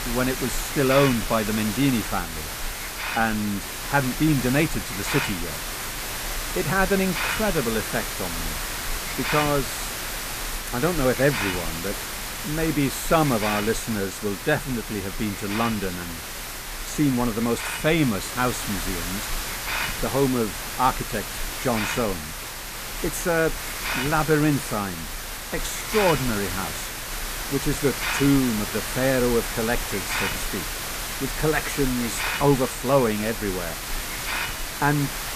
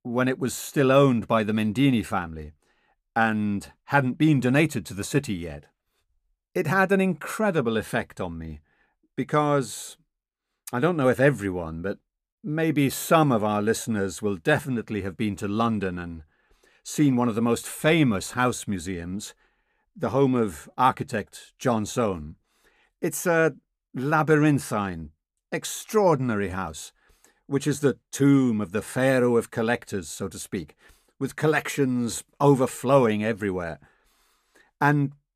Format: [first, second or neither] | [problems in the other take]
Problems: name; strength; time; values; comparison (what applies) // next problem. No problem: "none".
second | hiss; loud; throughout; 4 dB below the speech